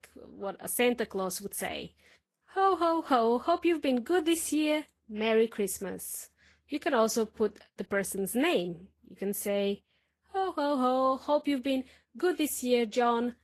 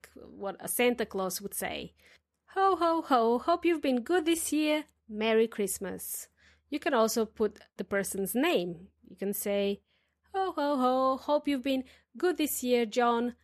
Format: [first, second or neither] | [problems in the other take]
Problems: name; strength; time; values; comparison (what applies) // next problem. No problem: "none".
second | garbled, watery; slightly; nothing above 13.5 kHz